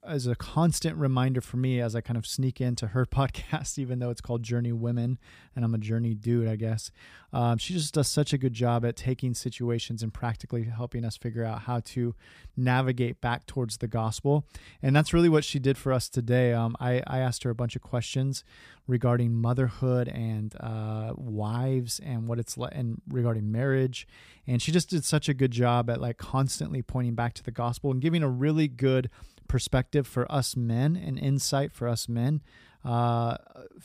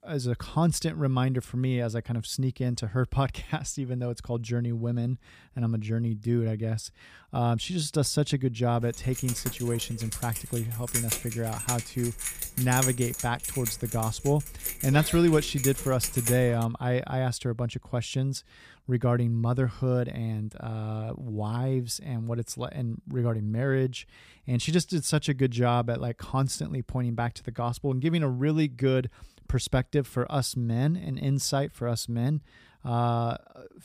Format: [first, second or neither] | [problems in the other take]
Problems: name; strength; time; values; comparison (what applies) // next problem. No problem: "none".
first | jangling keys; loud; from 9 to 17 s; peak 1 dB above the speech